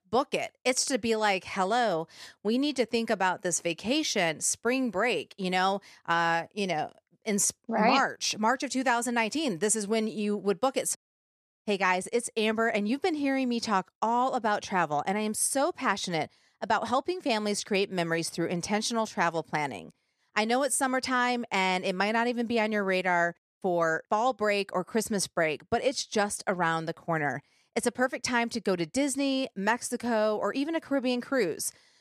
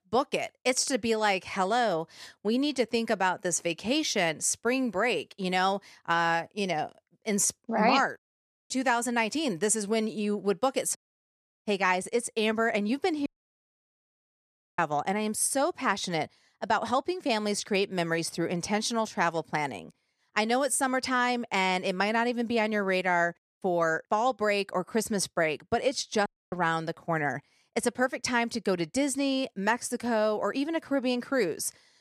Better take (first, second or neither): first